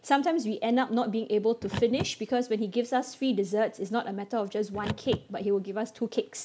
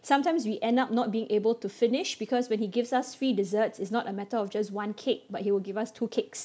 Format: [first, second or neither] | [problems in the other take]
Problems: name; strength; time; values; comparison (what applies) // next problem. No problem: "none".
second | background sound (Car); 13 dB below the speech